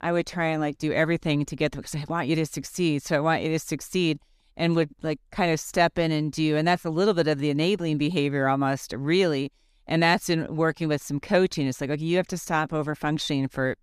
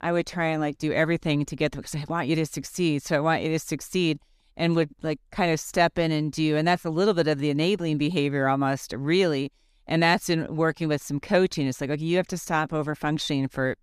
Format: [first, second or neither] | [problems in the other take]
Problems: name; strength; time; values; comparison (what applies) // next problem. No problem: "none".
neither | none